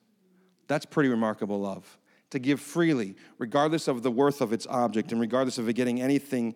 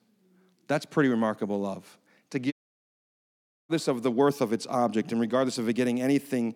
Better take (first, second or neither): first